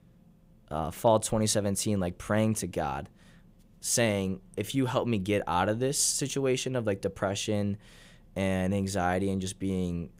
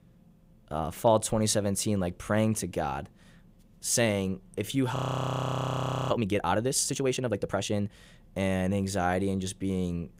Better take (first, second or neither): first